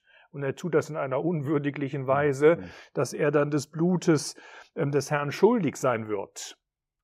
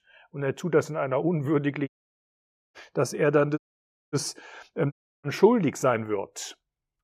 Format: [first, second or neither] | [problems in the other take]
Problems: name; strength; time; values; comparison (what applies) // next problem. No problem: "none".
first | audio cutting out; at 2 s for 1 s, at 3.5 s for 0.5 s and at 5 s